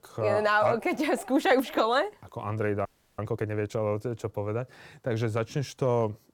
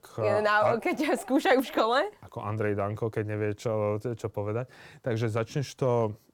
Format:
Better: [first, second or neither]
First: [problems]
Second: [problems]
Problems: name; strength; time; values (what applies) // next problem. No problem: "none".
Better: second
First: audio freezing; at 3 s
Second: none